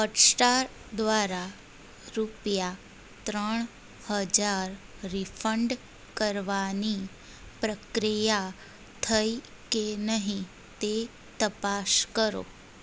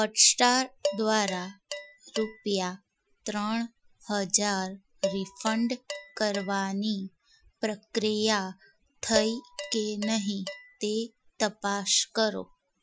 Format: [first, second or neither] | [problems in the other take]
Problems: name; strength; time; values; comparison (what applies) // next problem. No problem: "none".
first | noise reduction (classical method Wiener filter)